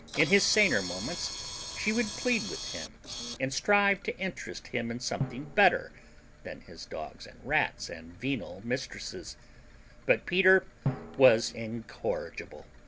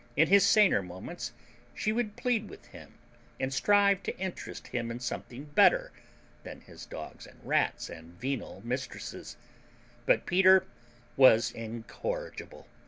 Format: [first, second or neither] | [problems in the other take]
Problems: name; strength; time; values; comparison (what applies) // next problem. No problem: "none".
second | background sound (Camera + Drum); 11 dB below the speech